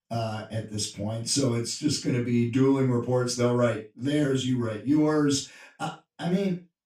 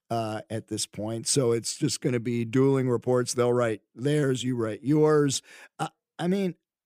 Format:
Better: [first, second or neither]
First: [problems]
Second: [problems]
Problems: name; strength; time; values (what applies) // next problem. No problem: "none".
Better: second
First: room echo; noticeable; dies away in 0.2 s // off-mic speech; far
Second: none